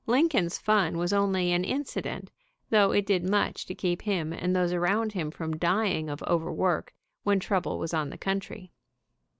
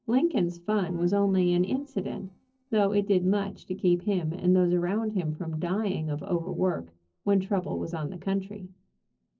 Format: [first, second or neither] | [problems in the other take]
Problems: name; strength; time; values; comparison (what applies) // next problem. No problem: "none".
first | noise reduction (neural separator model SepFormer DNS4)